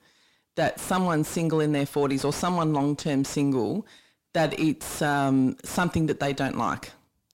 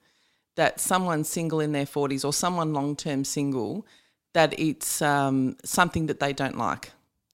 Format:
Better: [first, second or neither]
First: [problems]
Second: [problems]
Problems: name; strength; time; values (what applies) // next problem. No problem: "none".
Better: second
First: distortion; heavy; 7 dB below the speech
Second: none